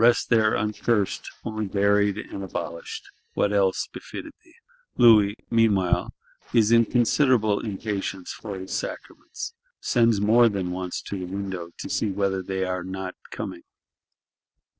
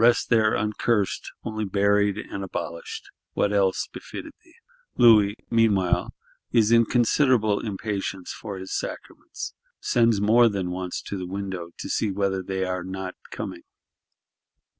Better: second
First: noise reduction (neural separator model SepFormer DNS4)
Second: none

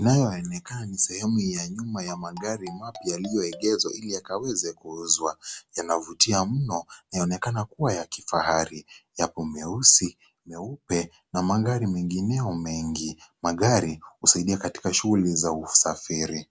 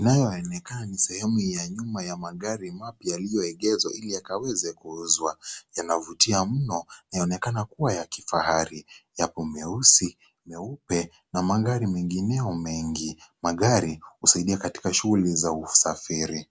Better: second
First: background sound (Marimba, xylophone); 19 dB below the speech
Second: none

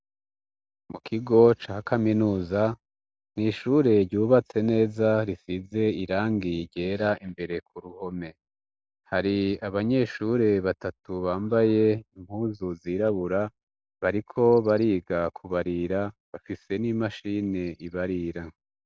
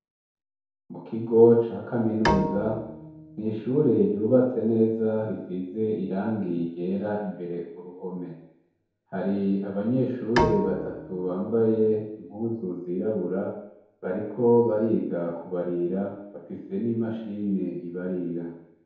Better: first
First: none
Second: background sound (Bowed string instrument); 7 dB below the speech // room echo; dies away in 0.9 s

